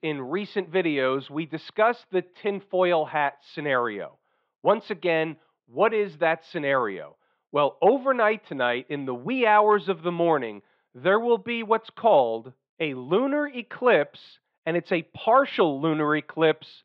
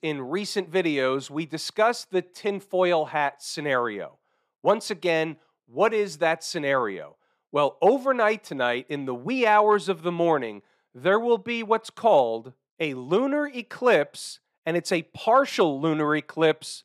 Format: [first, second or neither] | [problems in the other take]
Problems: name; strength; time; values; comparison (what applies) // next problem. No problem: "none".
second | muffled; very; fading above 3.5 kHz